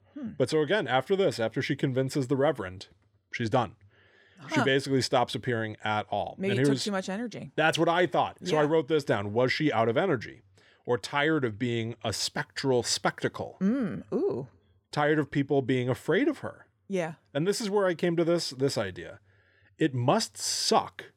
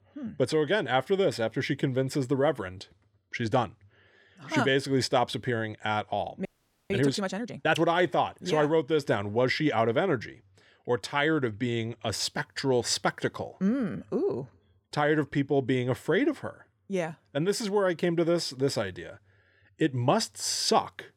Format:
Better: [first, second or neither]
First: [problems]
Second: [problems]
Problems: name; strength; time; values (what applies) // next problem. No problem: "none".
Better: first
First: none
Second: audio freezing; at 6.5 s